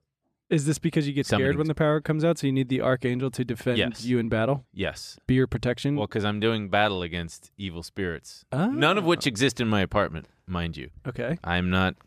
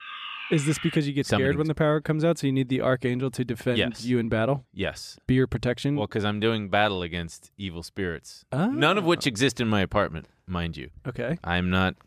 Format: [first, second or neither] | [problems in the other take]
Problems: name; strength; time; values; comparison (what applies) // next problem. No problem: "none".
first | alarm; noticeable; at the start; peak 8 dB below the speech